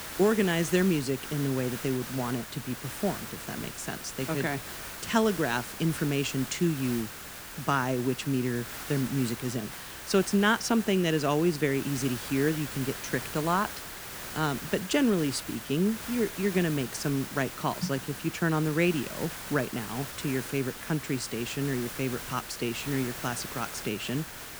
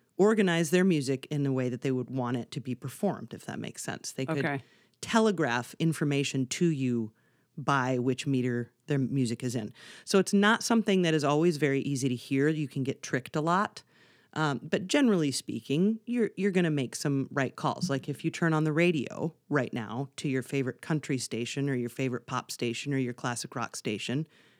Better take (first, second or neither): second